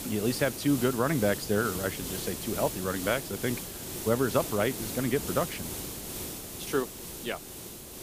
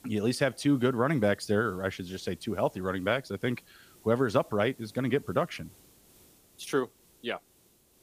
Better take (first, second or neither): second